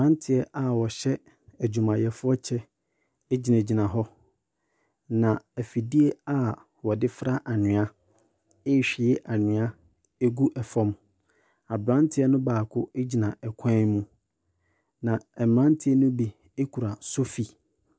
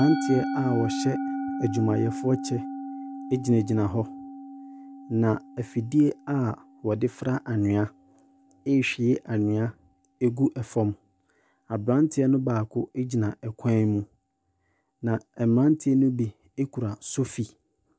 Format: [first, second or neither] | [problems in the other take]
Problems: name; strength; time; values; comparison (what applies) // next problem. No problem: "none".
first | background sound (Musical instrument); 11 dB below the speech